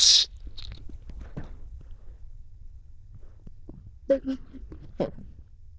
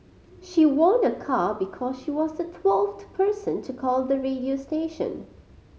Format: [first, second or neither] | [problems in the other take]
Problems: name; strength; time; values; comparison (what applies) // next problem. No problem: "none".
second | noise reduction (neural diffusion model UNIVERSE++)